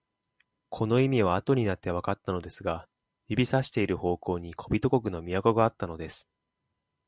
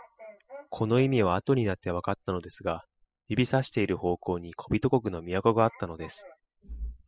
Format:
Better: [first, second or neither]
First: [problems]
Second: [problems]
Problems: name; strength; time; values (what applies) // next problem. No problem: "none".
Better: first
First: none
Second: noise reduction (classical method spectral subtraction)